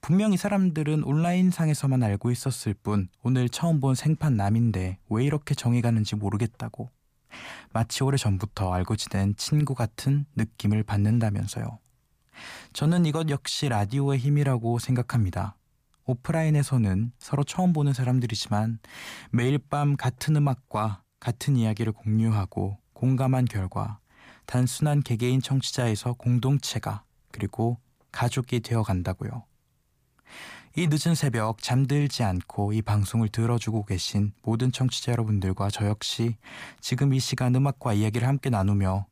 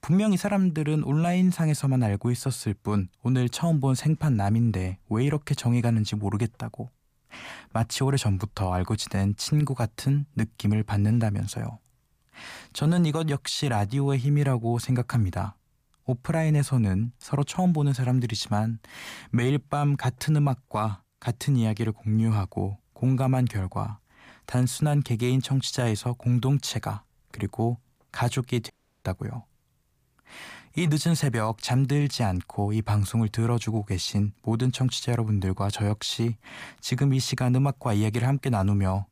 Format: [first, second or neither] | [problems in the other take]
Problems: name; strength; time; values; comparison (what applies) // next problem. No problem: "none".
first | audio cutting out; at 29 s